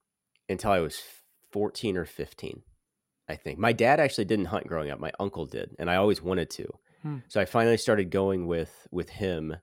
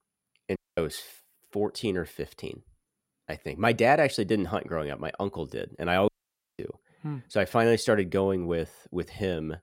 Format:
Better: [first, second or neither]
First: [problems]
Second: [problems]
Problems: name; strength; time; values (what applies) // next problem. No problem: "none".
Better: first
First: none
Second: audio cutting out; at 0.5 s and at 6 s for 0.5 s